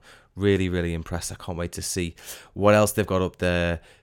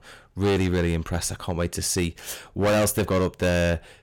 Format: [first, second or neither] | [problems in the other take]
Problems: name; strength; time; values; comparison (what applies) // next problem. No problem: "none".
first | distortion; heavy; 12% of the sound clipped